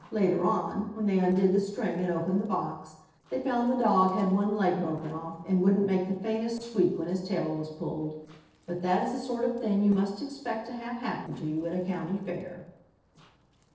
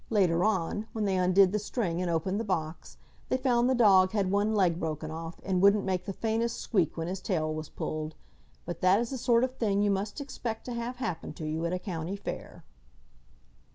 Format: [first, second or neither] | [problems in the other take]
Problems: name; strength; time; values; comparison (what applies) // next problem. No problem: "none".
second | noise reduction (neural separator model SepFormer DNS4)